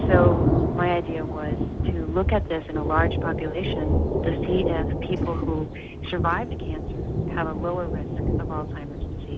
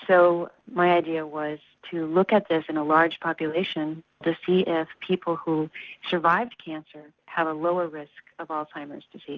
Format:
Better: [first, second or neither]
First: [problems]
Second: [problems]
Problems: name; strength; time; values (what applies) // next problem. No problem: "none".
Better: second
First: background sound (Thunder); 3 dB above the speech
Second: none